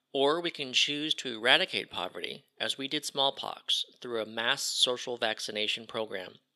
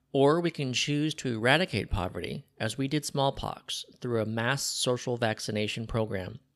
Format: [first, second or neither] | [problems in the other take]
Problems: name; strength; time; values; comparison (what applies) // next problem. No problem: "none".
second | thin; somewhat; fading below 350 Hz